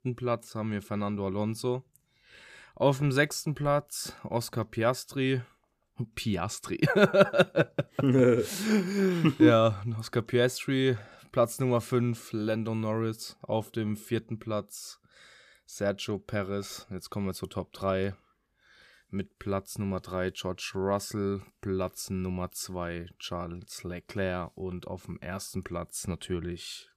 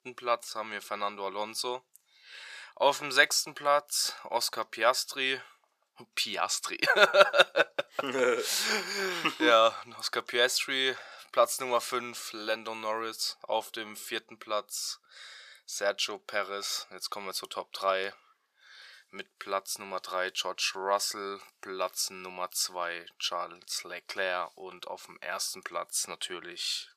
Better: first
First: none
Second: thin; very; fading below 800 Hz

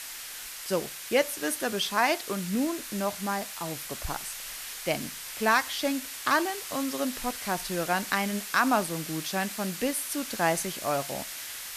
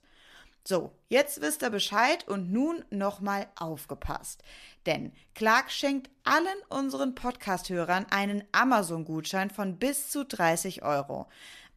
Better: second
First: hiss; loud; throughout; 7 dB below the speech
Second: none

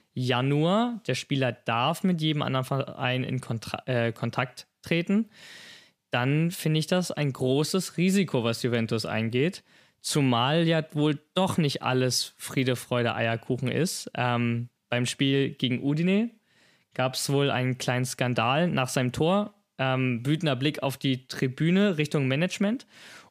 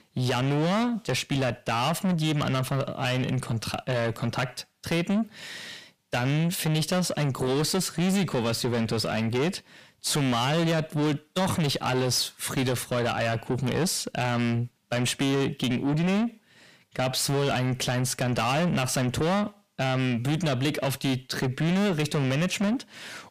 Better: first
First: none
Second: distortion; heavy; 7 dB below the speech

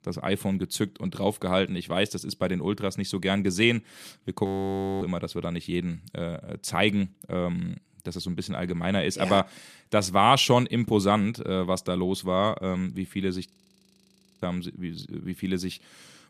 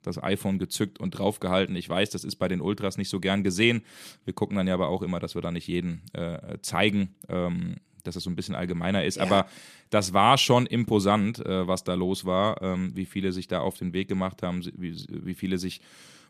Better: second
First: audio freezing; at 4.5 s for 0.5 s and at 13 s for 1 s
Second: none

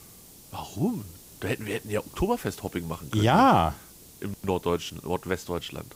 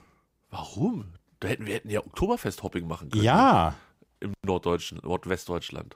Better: second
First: hiss; faint; throughout; 20 dB below the speech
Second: none

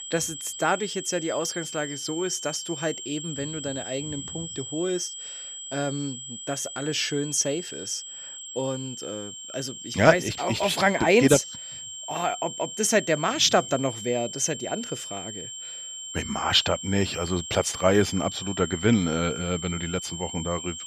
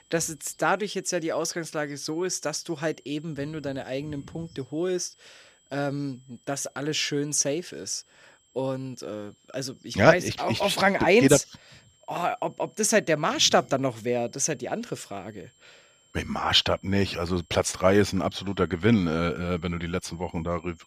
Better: second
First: high-pitched whine; loud; throughout; 3 kHz, 9 dB below the speech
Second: high-pitched whine; faint; throughout; 3 kHz, 35 dB below the speech

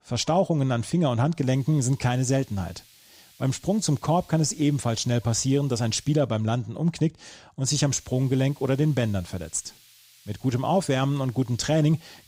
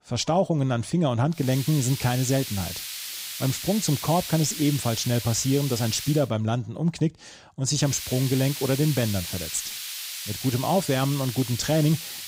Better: first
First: hiss; faint; from 1.5 to 6 s and from 8 s on; 25 dB below the speech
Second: hiss; loud; from 1.5 to 6 s and from 8 s on; 7 dB below the speech

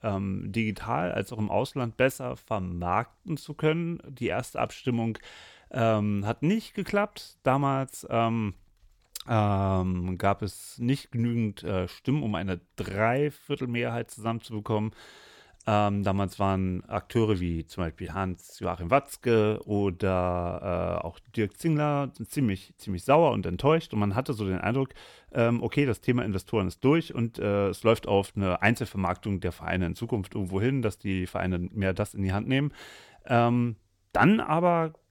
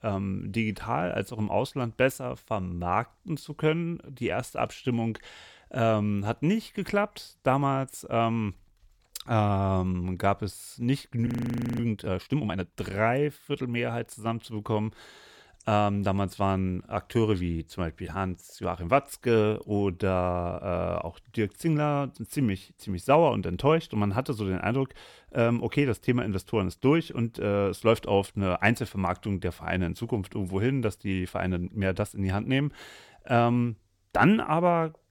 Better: first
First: none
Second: audio freezing; at 11 s for 0.5 s

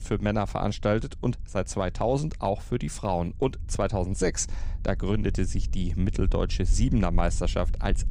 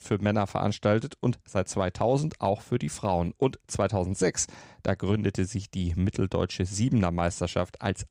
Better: second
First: low rumble; faint; throughout; 25 dB below the speech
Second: none

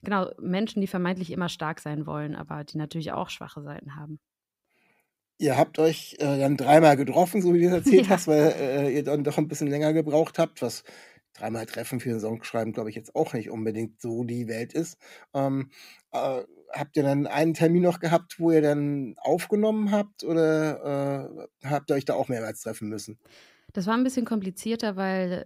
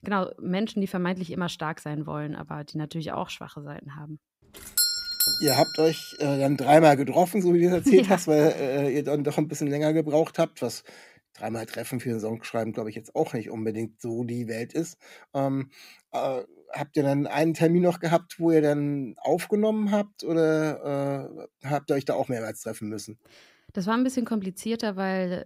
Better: first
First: none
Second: doorbell; loud; from 5 to 6 s; peak 4 dB above the speech

